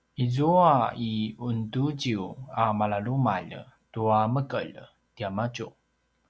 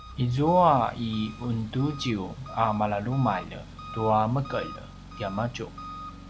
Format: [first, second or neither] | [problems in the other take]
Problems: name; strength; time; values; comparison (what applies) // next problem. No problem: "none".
first | background sound (Engine); 14 dB below the speech